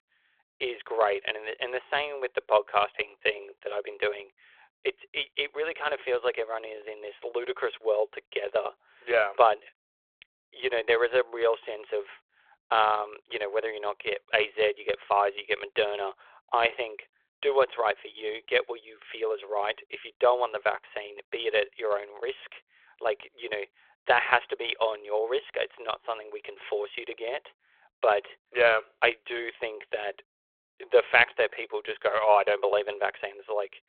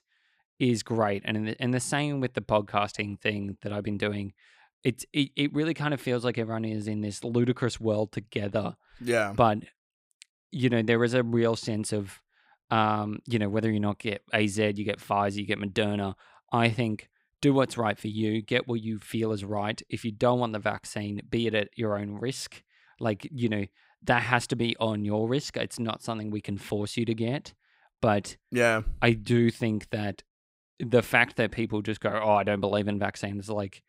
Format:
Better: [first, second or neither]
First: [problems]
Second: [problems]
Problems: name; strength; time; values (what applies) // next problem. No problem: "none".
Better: second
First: phone-call audio; nothing above 3.5 kHz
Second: none